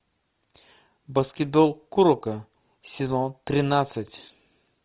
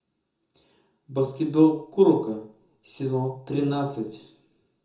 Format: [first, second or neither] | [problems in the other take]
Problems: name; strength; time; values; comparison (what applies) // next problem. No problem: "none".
first | room echo; dies away in 0.5 s